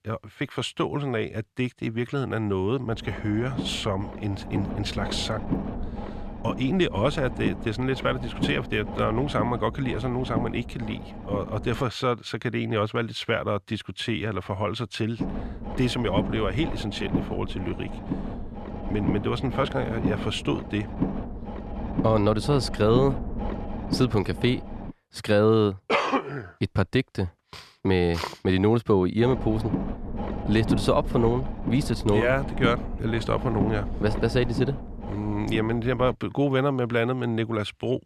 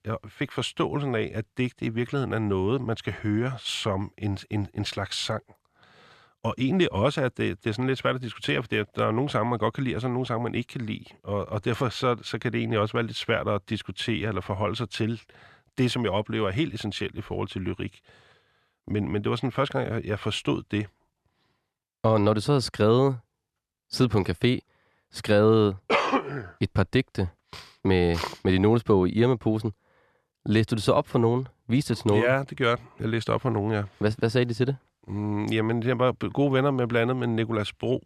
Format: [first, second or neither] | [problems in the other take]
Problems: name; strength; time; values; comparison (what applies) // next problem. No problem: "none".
second | low rumble; loud; from 3 to 12 s, from 15 to 25 s and from 29 to 36 s; 9 dB below the speech